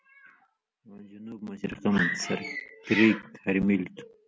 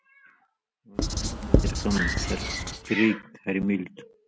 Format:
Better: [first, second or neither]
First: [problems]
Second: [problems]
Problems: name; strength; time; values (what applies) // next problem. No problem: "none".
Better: first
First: none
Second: background sound (Writing); 2 dB above the speech